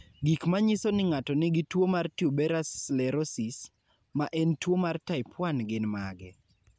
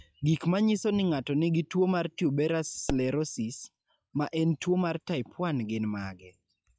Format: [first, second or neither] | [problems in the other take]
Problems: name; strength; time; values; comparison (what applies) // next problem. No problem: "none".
first | noise reduction (classical method log-MMSE)